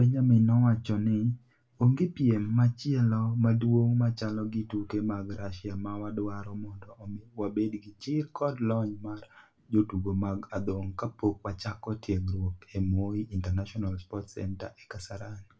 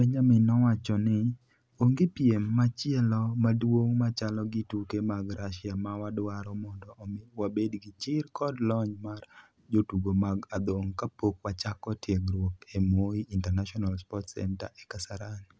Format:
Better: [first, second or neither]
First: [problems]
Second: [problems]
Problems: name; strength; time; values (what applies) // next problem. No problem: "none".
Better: second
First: room echo; dies away in 0.2 s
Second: none